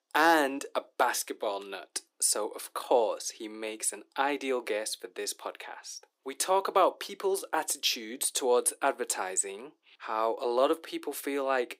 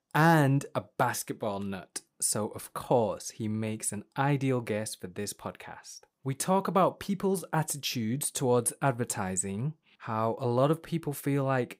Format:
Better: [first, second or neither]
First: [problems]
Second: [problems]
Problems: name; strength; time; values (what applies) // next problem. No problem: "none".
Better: second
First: thin; somewhat; fading below 300 Hz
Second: none